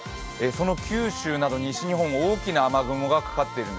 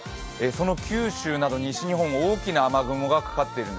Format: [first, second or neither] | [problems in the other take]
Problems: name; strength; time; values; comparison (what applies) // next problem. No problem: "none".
second | background sound (Drill); 19 dB below the speech